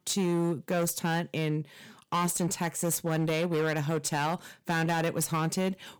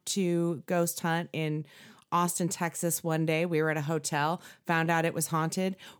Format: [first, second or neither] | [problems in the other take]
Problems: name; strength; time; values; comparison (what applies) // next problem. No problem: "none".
second | distortion; slight; 13% of the sound clipped